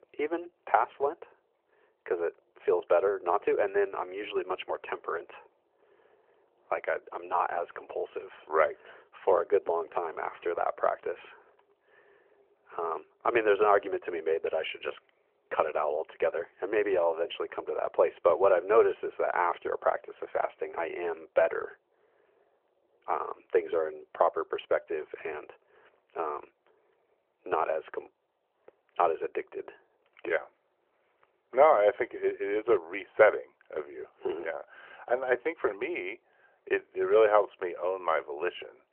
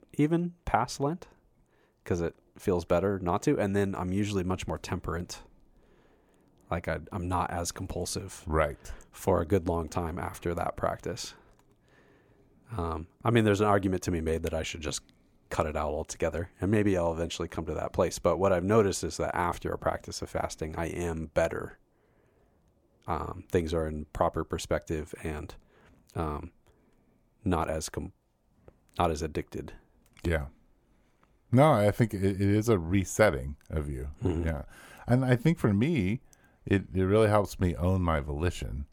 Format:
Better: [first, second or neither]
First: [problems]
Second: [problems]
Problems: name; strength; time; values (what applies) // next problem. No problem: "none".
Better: second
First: phone-call audio; nothing above 3 kHz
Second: none